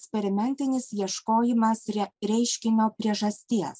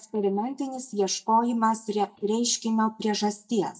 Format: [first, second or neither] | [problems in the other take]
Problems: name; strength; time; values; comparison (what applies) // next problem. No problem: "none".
first | noise reduction (neural mask model DeepFilterNet 3)